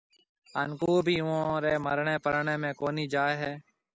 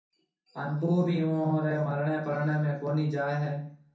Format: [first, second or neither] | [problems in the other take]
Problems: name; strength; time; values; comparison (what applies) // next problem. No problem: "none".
first | room echo; dies away in 0.5 s